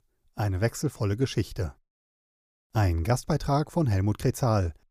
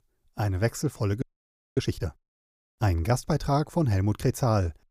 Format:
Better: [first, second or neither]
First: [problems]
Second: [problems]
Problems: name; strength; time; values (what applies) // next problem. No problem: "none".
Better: first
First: none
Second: audio freezing; at 1 s for 0.5 s